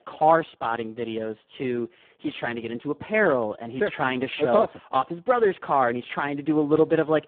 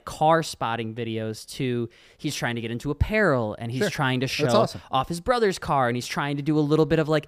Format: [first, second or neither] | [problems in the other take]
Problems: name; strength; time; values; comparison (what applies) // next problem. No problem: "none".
second | phone-call audio; poor line